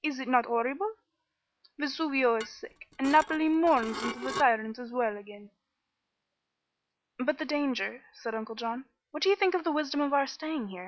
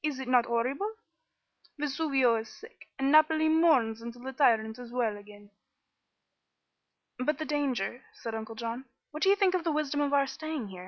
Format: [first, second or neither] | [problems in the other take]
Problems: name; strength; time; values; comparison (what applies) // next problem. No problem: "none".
second | background sound (Dishes, pots, and pans / Glass); 10 dB below the speech